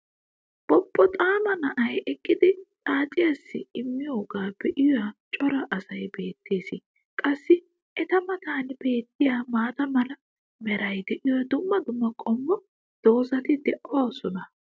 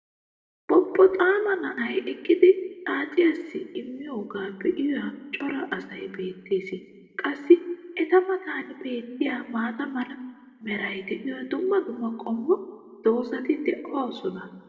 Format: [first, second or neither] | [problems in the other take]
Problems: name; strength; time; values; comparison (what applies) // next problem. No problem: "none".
first | room echo; dies away in 1.1 s